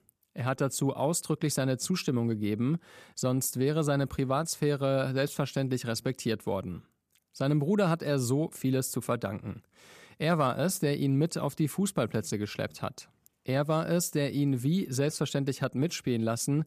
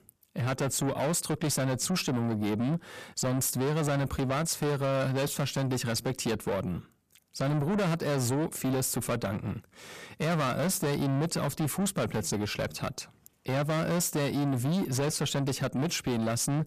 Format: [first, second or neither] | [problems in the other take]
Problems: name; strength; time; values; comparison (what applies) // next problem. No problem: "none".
first | distortion; heavy; 6 dB below the speech